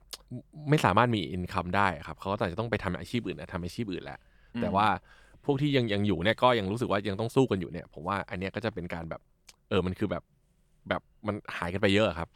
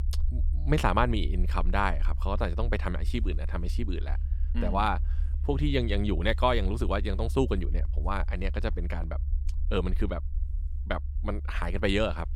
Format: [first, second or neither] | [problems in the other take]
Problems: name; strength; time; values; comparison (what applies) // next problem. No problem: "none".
first | low rumble; faint; throughout; 20 dB below the speech